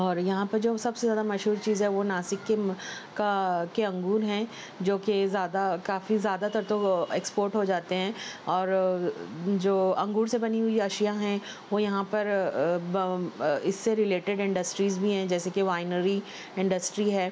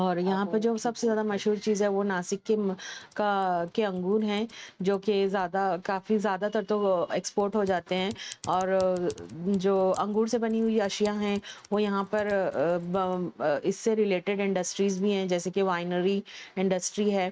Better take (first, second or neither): first